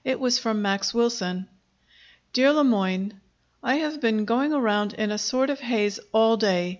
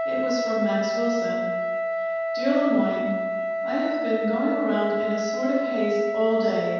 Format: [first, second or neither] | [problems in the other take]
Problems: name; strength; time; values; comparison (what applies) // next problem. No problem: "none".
first | background sound (Wind instrument, woodwind instrument); 1 dB below the speech // room echo; dies away in 1.2 s